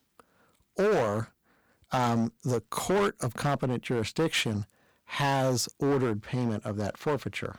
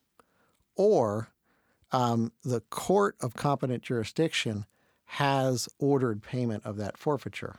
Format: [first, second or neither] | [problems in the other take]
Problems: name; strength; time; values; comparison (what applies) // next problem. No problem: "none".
second | distortion; heavy; 10% of the sound clipped